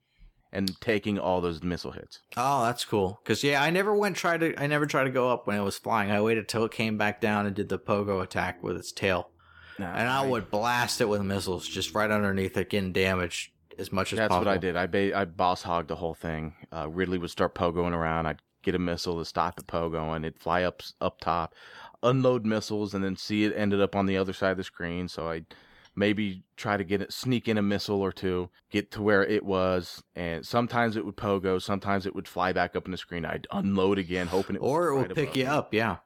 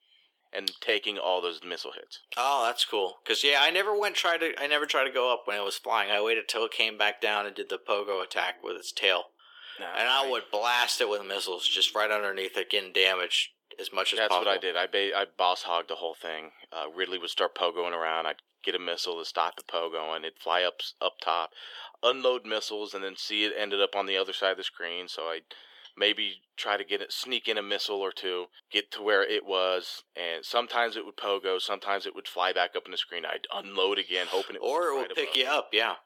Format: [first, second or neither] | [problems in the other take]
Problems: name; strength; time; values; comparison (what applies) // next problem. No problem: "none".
first | thin; very; fading below 400 Hz